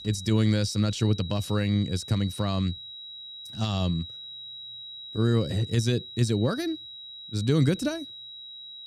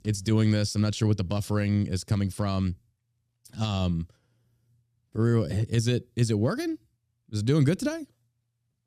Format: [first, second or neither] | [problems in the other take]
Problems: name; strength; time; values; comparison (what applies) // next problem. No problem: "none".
second | high-pitched whine; noticeable; throughout; 4 kHz, 10 dB below the speech